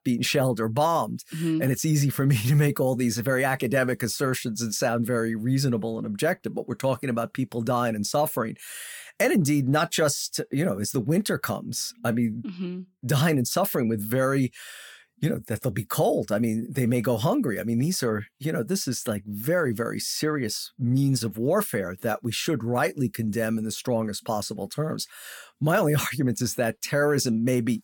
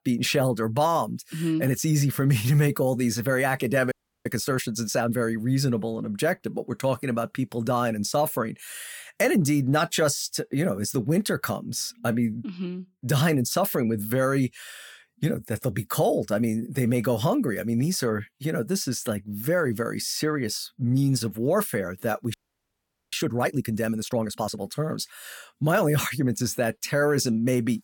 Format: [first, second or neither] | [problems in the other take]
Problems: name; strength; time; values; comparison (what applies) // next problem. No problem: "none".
first | audio freezing; at 4 s and at 22 s for 1 s